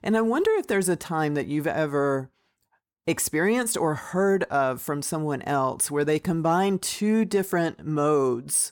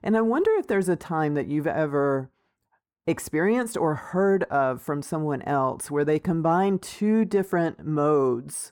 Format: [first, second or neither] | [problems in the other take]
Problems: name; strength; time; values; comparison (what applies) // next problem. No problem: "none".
first | muffled; slightly; fading above 2.5 kHz